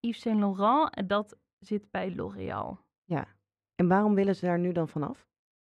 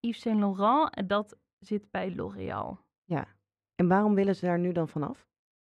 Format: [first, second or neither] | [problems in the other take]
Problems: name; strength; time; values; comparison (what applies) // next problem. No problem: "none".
neither | muffled; slightly; fading above 3.5 kHz; the same in both